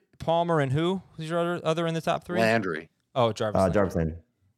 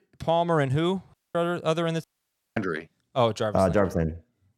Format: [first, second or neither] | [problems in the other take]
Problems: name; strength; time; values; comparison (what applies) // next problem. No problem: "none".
first | audio cutting out; at 1 s and at 2 s for 0.5 s